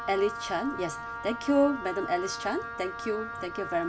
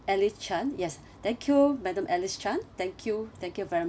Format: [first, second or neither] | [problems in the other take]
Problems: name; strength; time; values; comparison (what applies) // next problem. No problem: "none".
second | background sound (Wind instrument, woodwind instrument); 8 dB below the speech